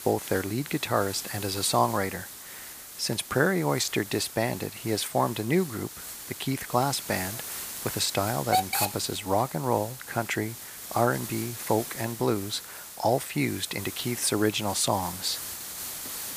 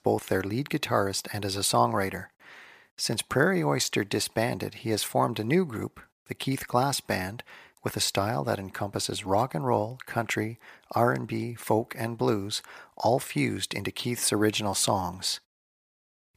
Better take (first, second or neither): second